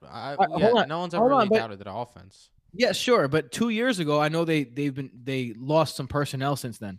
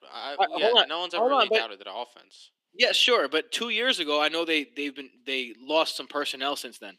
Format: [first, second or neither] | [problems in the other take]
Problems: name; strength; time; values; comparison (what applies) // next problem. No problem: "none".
first | thin; somewhat; fading below 300 Hz